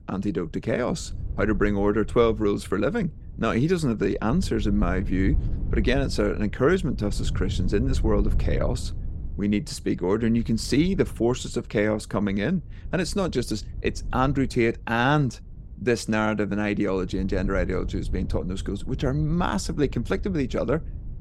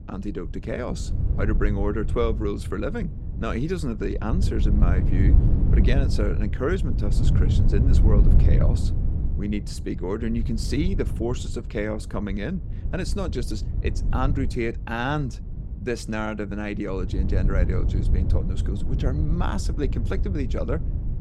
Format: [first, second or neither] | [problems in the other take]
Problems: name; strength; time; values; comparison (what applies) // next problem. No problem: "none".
first | wind noise on the microphone; heavy; 8 dB below the speech; occasional gusts in the first